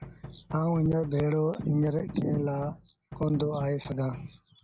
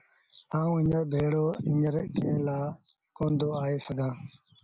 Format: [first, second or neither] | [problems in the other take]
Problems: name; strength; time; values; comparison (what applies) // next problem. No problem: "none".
second | background sound (Knock); 17 dB below the speech